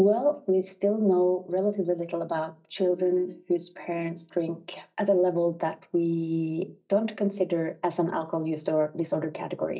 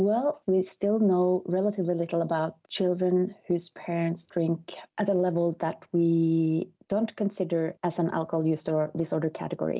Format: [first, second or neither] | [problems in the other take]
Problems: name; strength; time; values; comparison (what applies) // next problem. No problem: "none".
second | noise reduction (neural mask model DeepFilterNet 3)